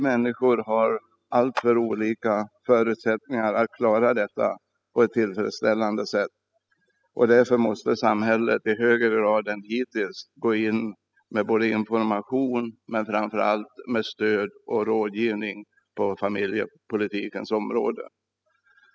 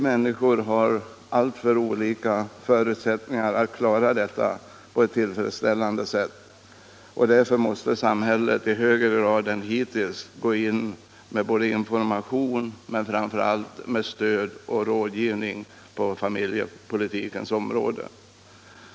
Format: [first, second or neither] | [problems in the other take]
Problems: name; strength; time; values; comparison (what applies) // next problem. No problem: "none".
second | noise reduction (classical method spectral subtraction)